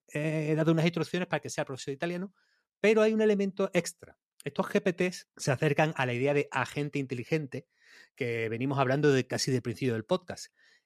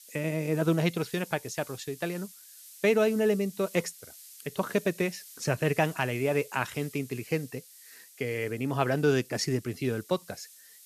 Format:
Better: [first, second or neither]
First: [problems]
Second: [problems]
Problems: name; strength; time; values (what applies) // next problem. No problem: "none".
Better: first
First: none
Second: hiss; noticeable; throughout; 20 dB below the speech